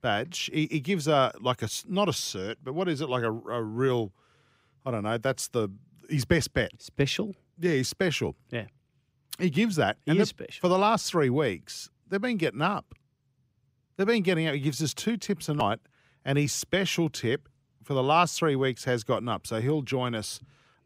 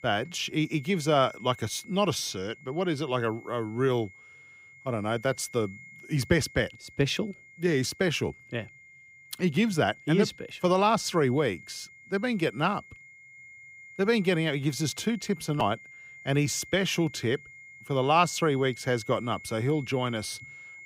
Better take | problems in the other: first | high-pitched whine; noticeable; throughout; 2 kHz, 20 dB below the speech

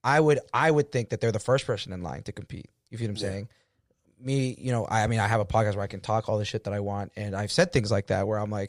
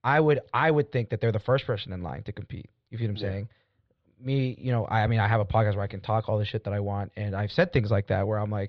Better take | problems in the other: first | muffled; slightly; fading above 4 kHz

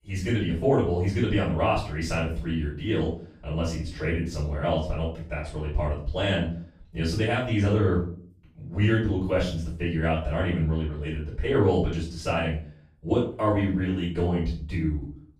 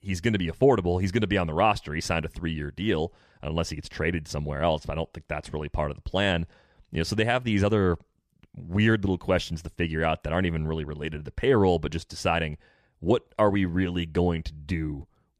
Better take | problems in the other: second | off-mic speech; far // room echo; noticeable; dies away in 0.4 s

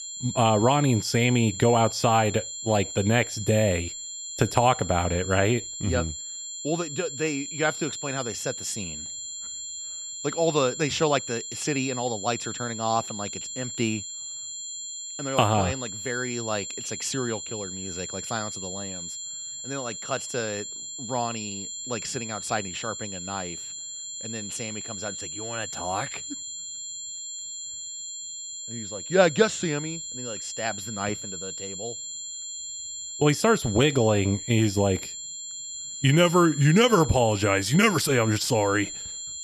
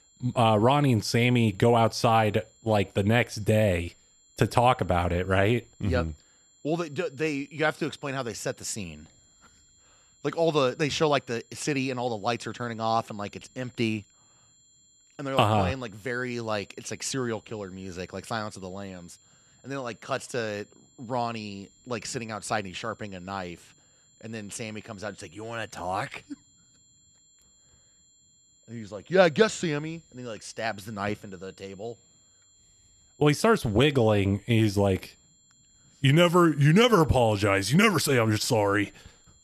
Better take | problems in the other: second | high-pitched whine; loud; throughout; 7.5 kHz, 8 dB below the speech; faint in the second

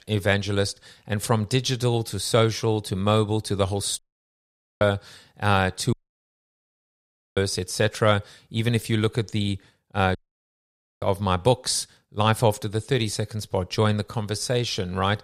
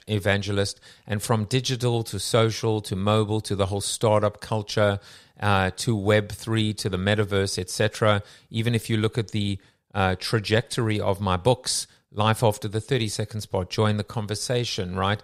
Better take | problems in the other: second | audio cutting out; at 4 s for 1 s, at 6 s for 1.5 s and at 10 s for 1 s

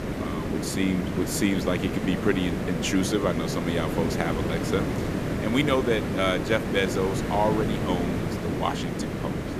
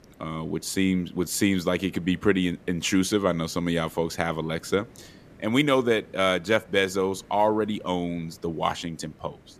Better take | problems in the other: second | hiss; loud; throughout; 1 dB below the speech; faint in the second

